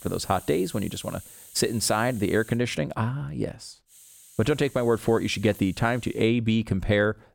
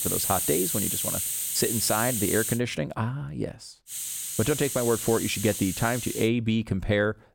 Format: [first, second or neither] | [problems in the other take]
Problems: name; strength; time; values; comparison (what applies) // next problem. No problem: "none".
first | hiss; loud; until 2.5 s and from 4 to 6.5 s; 1 dB below the speech; faint in the first